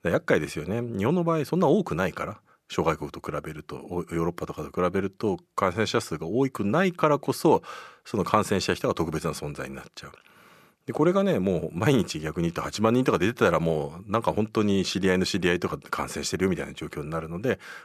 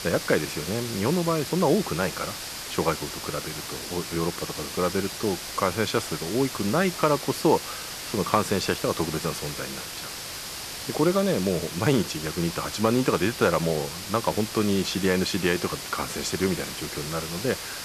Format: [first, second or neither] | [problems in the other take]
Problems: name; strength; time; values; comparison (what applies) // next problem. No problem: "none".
first | hiss; loud; throughout; 7 dB below the speech